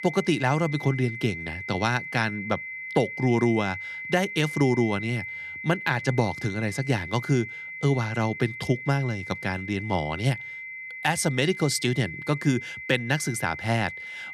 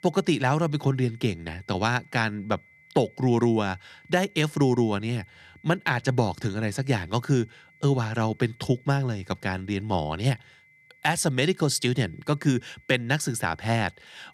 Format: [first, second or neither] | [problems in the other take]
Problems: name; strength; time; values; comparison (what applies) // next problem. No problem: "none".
second | high-pitched whine; loud; throughout; 2 kHz, 8 dB below the speech; faint in the second